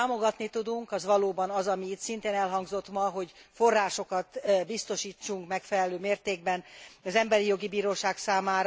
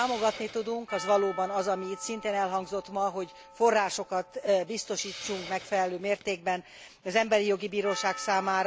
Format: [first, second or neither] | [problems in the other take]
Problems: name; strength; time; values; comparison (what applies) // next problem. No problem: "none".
first | background sound (Percussion + Hiss); 15 dB below the speech